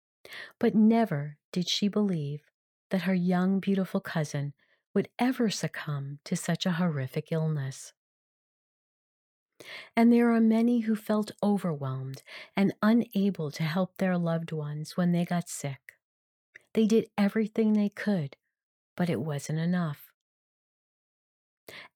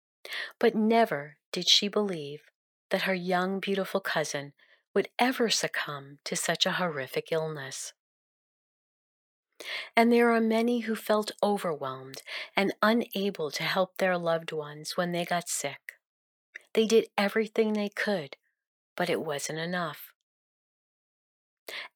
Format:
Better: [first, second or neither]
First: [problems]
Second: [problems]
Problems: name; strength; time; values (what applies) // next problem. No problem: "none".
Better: first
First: none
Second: thin; somewhat; fading below 400 Hz